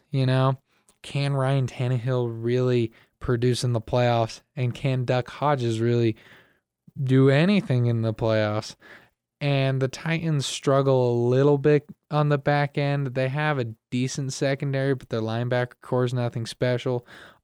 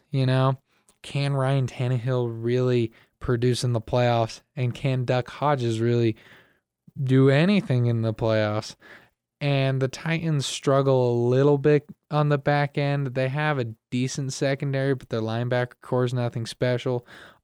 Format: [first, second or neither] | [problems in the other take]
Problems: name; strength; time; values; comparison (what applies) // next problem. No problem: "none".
neither | none